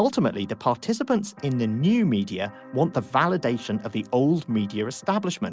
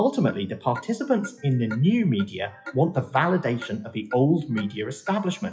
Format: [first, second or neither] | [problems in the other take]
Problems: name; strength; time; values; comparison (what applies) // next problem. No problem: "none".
first | noise reduction (classical method WPE with log-MMSE)